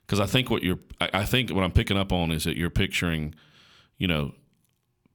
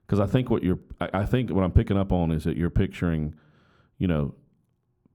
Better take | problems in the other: first | muffled; very; fading above 1 kHz

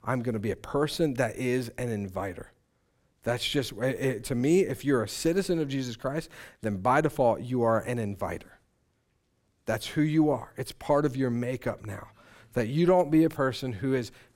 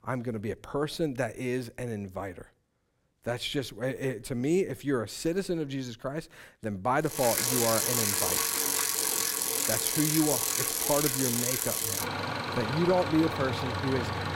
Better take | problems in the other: first | traffic noise; very loud; from 7 s on; 4 dB above the speech

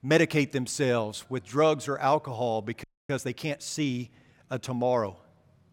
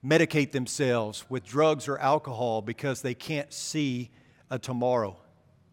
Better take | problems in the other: second | audio freezing; at 3 s

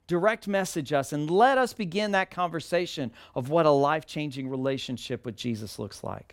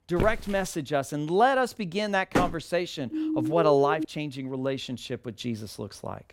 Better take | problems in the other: first | footsteps; noticeable; at the start; peak 5 dB below the speech // door banging; noticeable; at 2.5 s; peak level with the speech // siren; noticeable; at 3 s; peak 1 dB below the speech

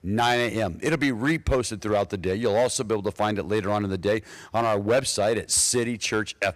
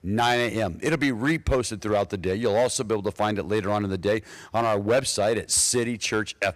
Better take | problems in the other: neither | distortion; slight; 4% of the sound clipped; the same in both

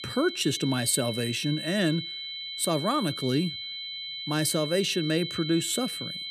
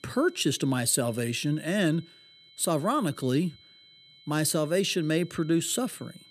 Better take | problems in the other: second | high-pitched whine; loud; throughout; 4 kHz, 6 dB below the speech; faint in the second

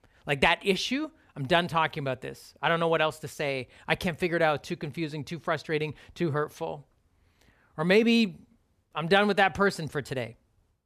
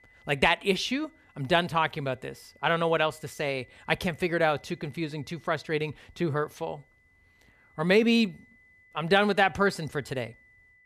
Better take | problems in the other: first | high-pitched whine; faint; throughout; 2 kHz, 30 dB below the speech

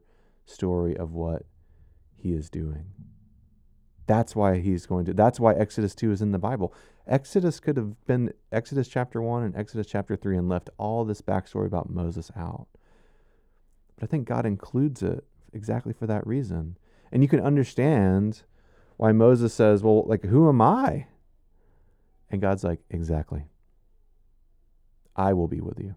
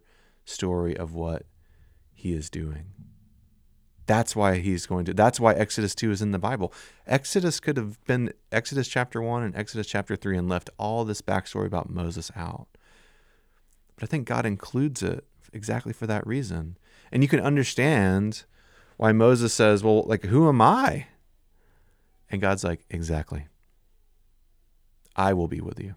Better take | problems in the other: second | muffled; slightly; fading above 1 kHz

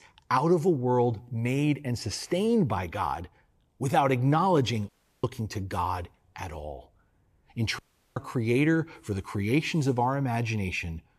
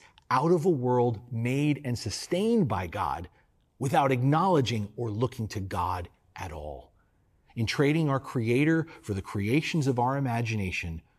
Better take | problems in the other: second | audio cutting out; at 5 s and at 8 s

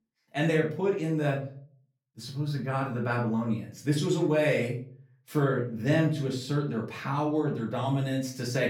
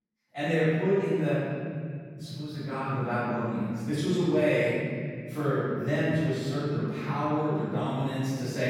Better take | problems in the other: first | room echo; strong; dies away in 2.6 s; slight in the first // off-mic speech; far; far in the first

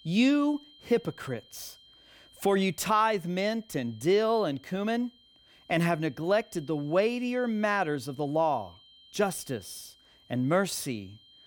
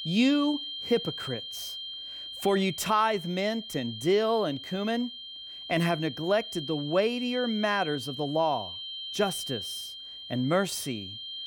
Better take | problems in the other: first | high-pitched whine; loud; throughout; 3 kHz, 8 dB below the speech; faint in the first

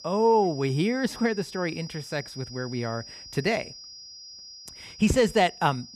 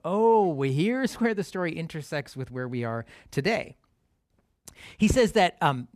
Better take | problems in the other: second | high-pitched whine; noticeable; throughout; 5 kHz, 15 dB below the speech

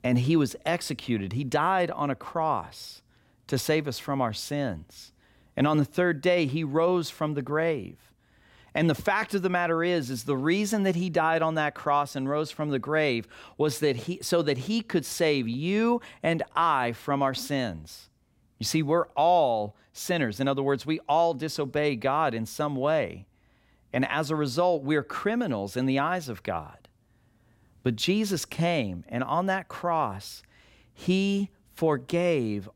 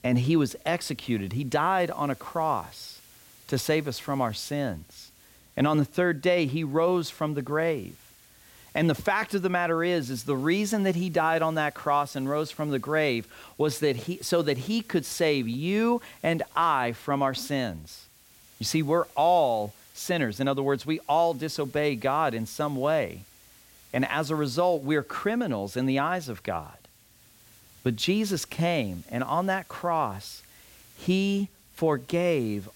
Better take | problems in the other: first | hiss; faint; throughout; 25 dB below the speech

